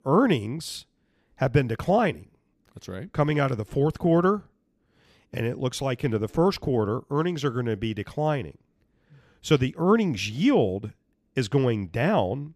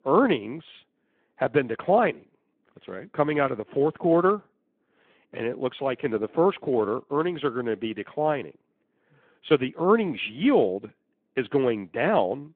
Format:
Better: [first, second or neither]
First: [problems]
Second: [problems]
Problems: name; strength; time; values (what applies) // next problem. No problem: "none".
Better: first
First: none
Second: phone-call audio